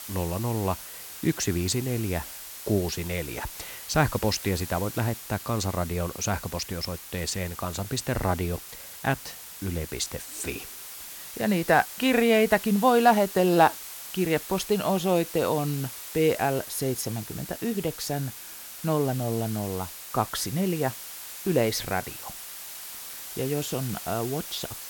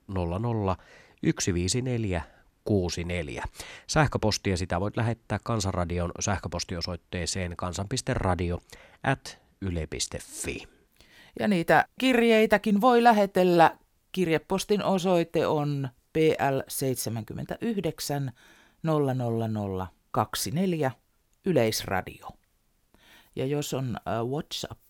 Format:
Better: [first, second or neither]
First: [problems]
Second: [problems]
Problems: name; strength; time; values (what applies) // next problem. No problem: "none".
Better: second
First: hiss; noticeable; throughout; 10 dB below the speech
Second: none